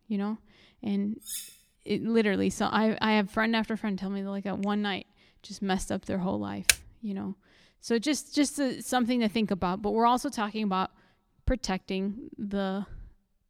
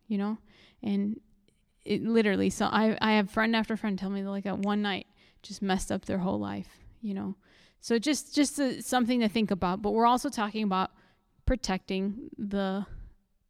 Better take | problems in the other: second | clattering dishes; noticeable; at 1 s; peak 8 dB below the speech // keyboard typing; very faint; at 6.5 s; peak 5 dB above the speech

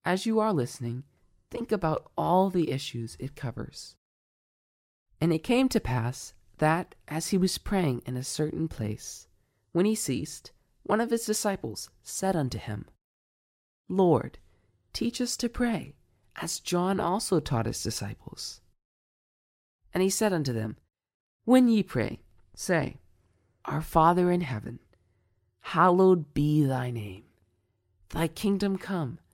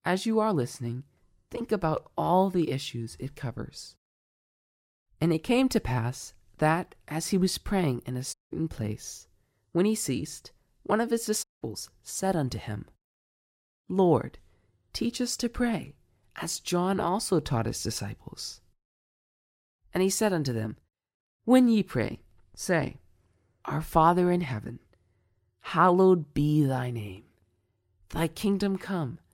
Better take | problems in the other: first | audio cutting out; at 8.5 s and at 11 s

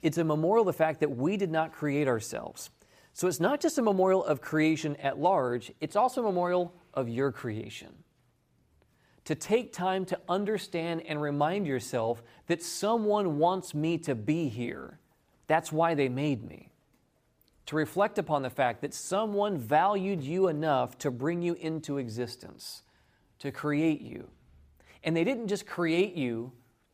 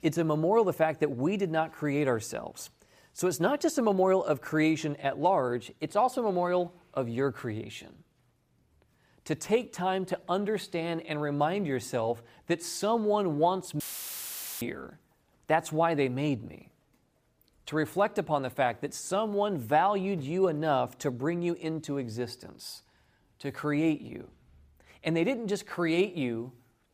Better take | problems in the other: first | audio cutting out; filled with static; at 14 s for 1 s

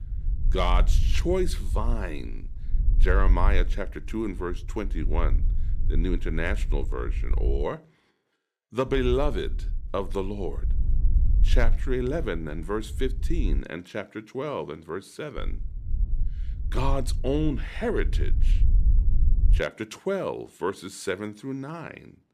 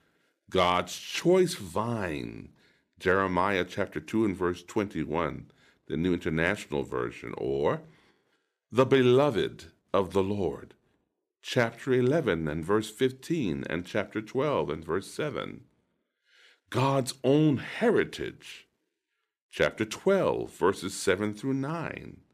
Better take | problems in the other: second | low rumble; noticeable; until 7.5 s, from 9 to 14 s and from 15 to 20 s; 20 dB below the speech

